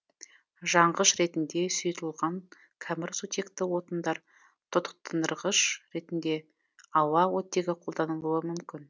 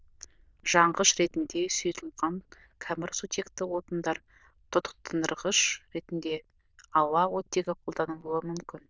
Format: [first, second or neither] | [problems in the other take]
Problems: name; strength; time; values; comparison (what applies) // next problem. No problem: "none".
first | noise reduction (neural diffusion model UNIVERSE++)